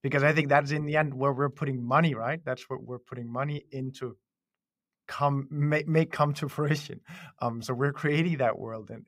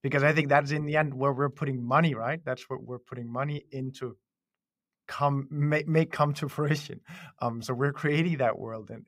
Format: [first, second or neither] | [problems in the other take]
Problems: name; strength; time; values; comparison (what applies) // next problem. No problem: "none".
neither | none